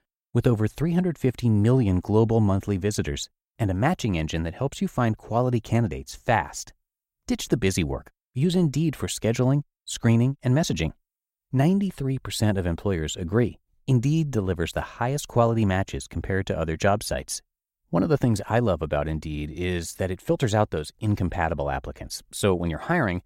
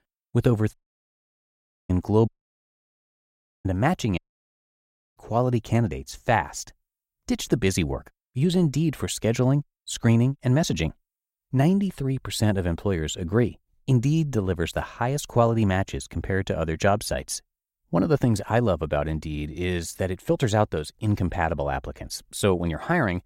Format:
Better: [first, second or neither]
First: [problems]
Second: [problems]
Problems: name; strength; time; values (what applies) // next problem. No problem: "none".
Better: first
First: none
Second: audio cutting out; at 0.5 s for 1 s, at 2.5 s for 1.5 s and at 4 s for 1 s